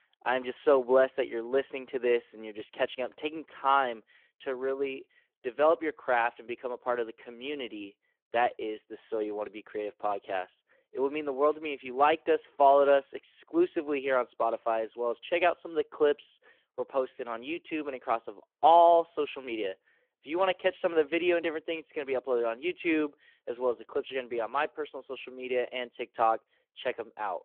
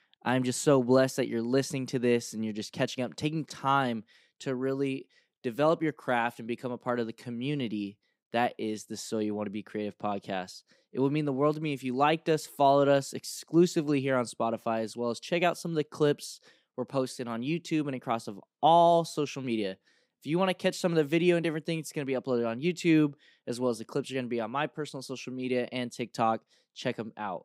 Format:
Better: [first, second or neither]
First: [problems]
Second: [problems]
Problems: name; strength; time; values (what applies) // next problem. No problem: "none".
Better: second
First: phone-call audio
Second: none